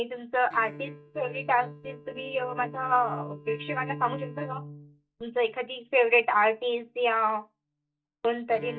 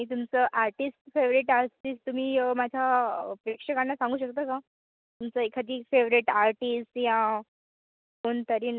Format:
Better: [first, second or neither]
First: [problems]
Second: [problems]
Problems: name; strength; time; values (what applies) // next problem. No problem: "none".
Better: second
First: noise reduction (neural mask model DeepFilterNet 3)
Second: none